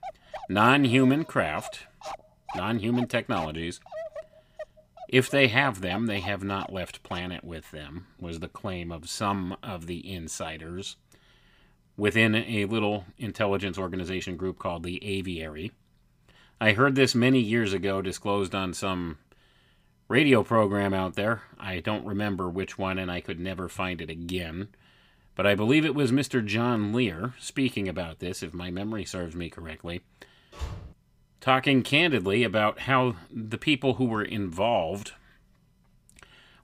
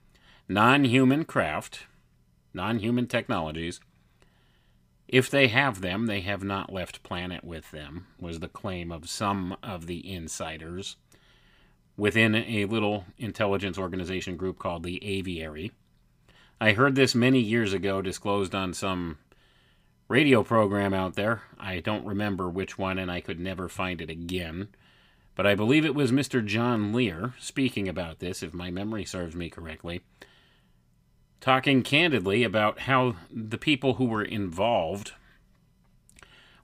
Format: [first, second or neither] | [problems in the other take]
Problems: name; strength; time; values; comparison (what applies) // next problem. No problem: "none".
second | dog barking; faint; until 7.5 s; peak 10 dB below the speech // door banging; faint; at 31 s; peak 10 dB below the speech